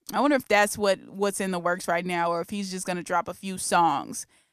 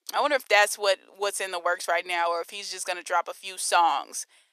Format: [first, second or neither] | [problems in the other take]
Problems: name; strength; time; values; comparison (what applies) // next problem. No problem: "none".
first | thin; very; fading below 450 Hz